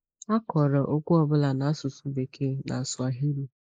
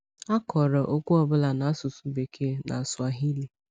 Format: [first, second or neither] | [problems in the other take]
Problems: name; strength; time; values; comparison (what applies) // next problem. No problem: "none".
second | noise reduction (neural mask model Resemble Enhance denoiser)